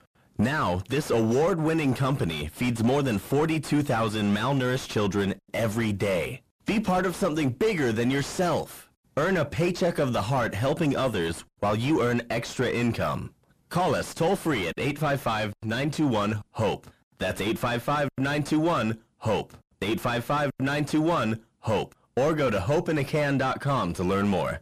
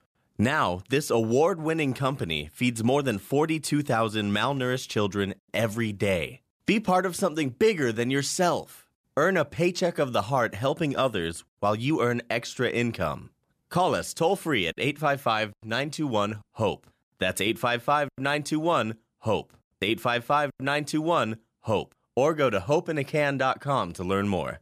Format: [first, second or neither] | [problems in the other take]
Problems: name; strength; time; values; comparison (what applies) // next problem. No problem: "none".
second | distortion; heavy; 6 dB below the speech